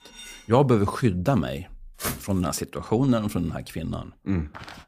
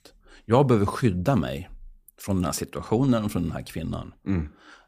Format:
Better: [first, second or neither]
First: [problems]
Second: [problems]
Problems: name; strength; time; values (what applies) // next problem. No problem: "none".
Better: second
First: clattering dishes; faint; at the start; peak 15 dB below the speech // footsteps; noticeable; at 2 s; peak 6 dB below the speech // footsteps; faint; at 4.5 s; peak 15 dB below the speech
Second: none